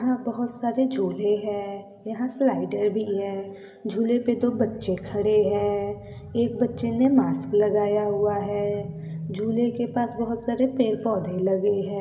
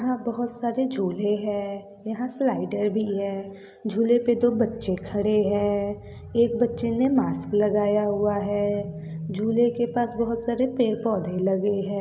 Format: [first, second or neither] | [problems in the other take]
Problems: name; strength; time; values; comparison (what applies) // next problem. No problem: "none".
second | room echo; dies away in 1.2 s